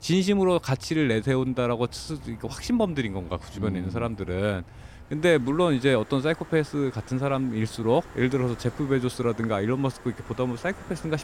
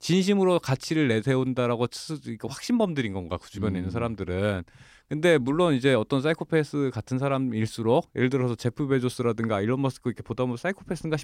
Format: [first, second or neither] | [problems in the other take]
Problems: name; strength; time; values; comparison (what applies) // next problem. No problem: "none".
second | rain or running water; noticeable; throughout; 20 dB below the speech